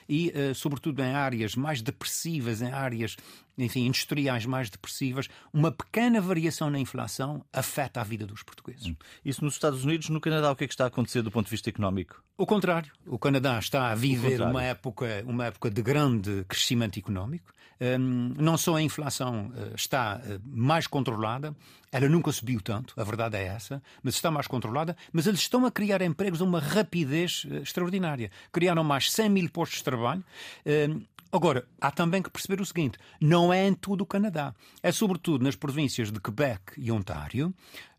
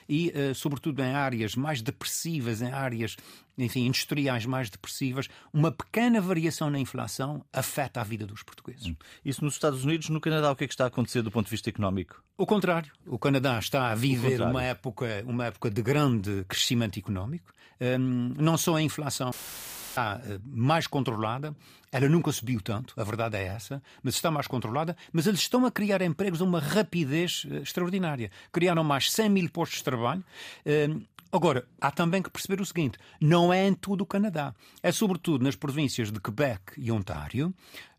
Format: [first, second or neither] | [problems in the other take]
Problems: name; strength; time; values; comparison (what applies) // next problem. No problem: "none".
first | audio cutting out; filled with static; at 19 s for 0.5 s